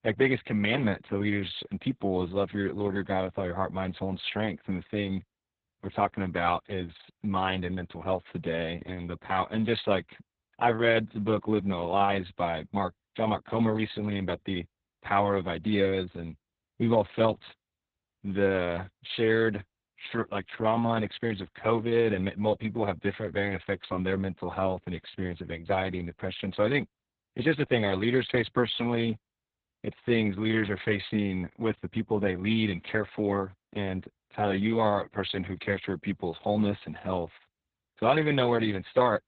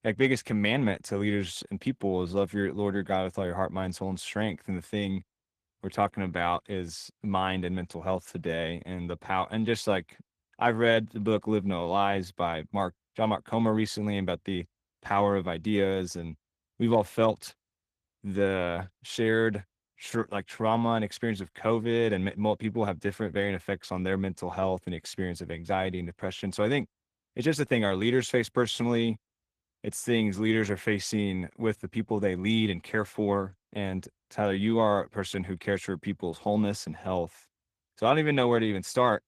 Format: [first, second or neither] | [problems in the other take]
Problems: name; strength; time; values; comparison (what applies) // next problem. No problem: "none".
second | garbled, watery; badly; nothing above 4 kHz; slightly in the second